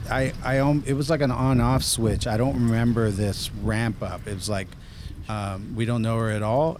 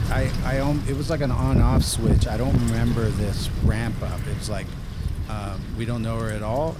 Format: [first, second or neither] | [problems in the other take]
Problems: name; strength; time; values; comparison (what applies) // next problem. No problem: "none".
first | wind noise on the microphone; heavy; 6 dB below the speech; occasional gusts in the first